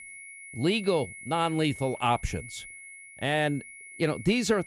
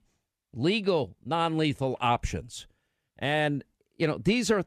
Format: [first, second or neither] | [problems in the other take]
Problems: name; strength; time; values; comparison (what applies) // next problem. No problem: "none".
second | high-pitched whine; noticeable; throughout; 2 kHz, 15 dB below the speech